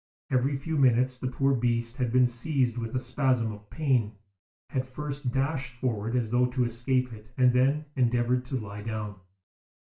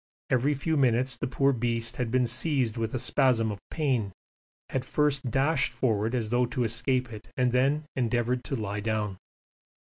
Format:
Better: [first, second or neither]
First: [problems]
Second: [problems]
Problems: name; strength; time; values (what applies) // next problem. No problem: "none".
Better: second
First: room echo; dies away in 0.3 s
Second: none